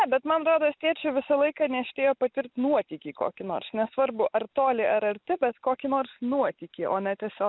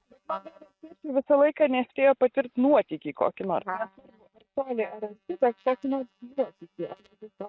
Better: first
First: none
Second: noise reduction (neural mask model DeepFilterNet 3)

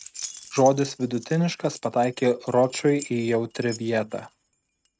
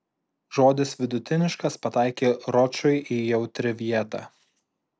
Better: second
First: noise reduction (neural mask model RNNoise)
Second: none

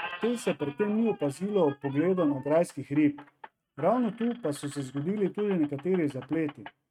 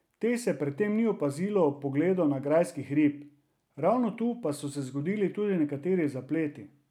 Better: second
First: noise reduction (neural mask model RNNoise)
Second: none

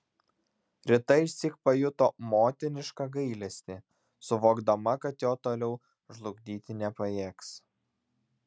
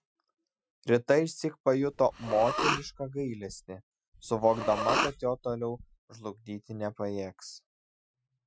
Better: first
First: none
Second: noise reduction (classical method Wiener filter)

